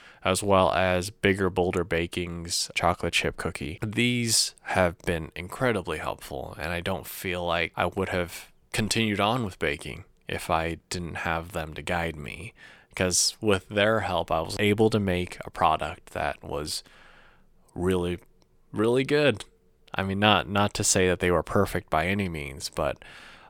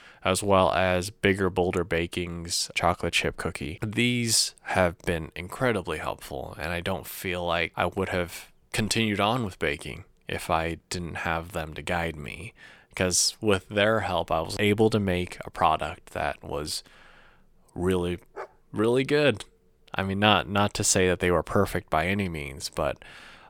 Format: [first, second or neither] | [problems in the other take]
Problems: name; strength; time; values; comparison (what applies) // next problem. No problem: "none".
first | dog barking; faint; at 18 s; peak 15 dB below the speech